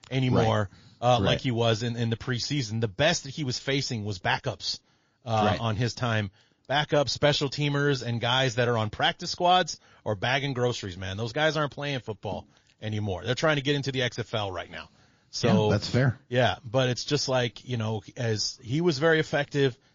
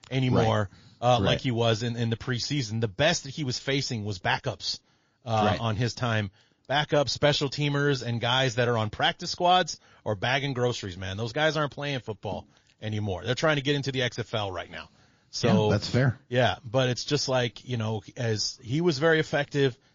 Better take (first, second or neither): neither